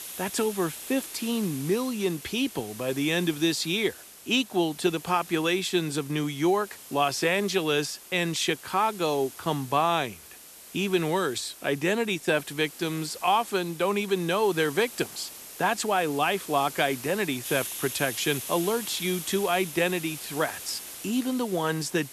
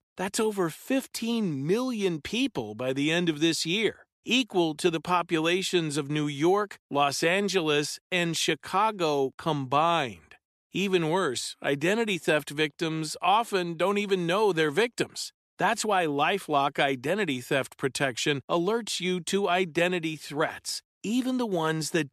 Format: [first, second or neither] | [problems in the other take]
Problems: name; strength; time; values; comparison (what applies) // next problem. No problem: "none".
second | hiss; noticeable; throughout; 10 dB below the speech